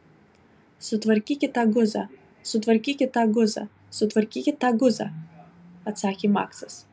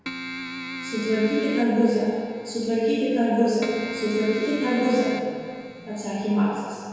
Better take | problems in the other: first | background sound (Keyboard (musical)); 12 dB below the speech // room echo; dies away in 1.9 s

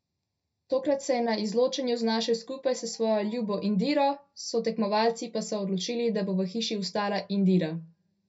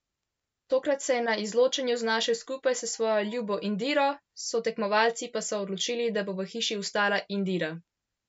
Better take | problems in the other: second | room echo; dies away in 0.4 s

